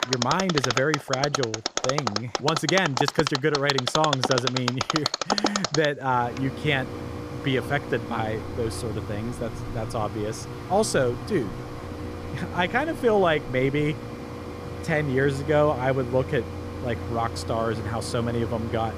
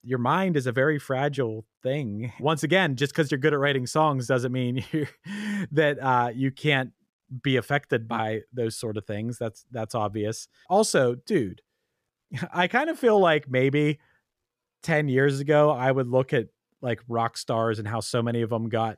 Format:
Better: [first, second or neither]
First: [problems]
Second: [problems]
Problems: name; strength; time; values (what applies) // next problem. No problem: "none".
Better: second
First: machinery noise; loud; throughout; 4 dB below the speech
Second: none